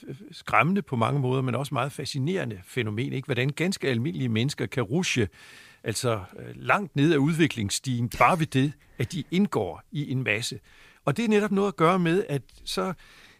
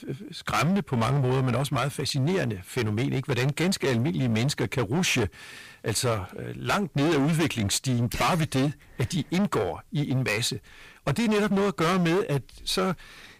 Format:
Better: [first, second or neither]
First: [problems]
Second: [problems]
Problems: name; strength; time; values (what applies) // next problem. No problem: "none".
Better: first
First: none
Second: distortion; heavy; 19% of the sound clipped